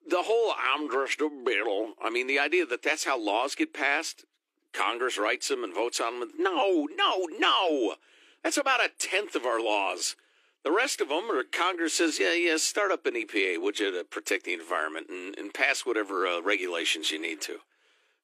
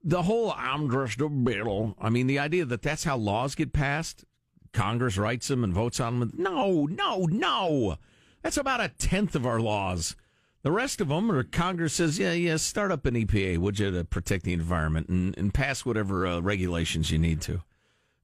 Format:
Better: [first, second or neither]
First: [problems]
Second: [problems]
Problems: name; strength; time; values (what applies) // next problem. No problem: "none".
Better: second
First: thin; very; fading below 300 Hz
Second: none